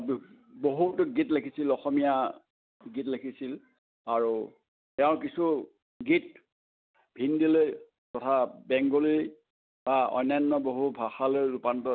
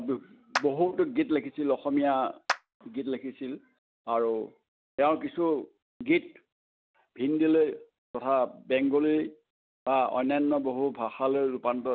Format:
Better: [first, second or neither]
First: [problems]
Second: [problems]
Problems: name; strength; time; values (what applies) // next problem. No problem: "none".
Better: first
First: none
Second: background sound (Clapping); 10 dB below the speech